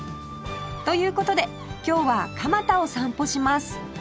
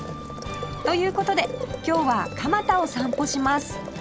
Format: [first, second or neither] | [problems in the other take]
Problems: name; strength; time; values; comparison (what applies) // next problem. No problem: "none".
first | background sound (Boiling); 10 dB below the speech